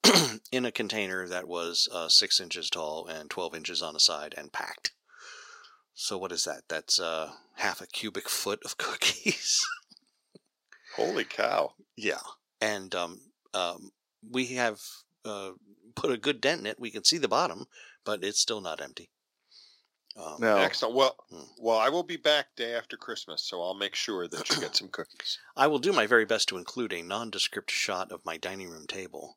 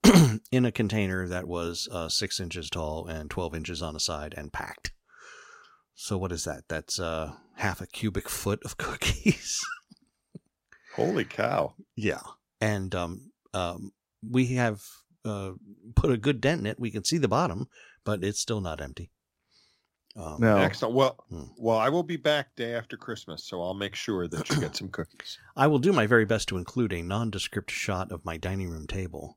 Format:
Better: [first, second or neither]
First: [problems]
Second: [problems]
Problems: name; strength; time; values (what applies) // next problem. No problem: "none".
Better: second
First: thin; somewhat; fading below 400 Hz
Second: none